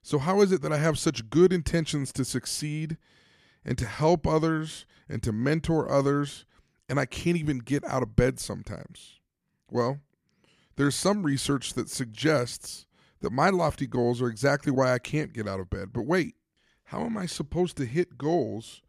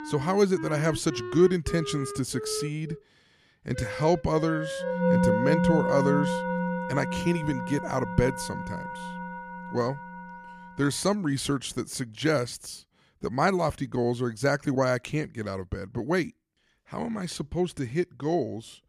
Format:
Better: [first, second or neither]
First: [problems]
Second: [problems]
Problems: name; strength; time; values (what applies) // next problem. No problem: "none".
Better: first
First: none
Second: background music; loud; until 11 s; 3 dB below the speech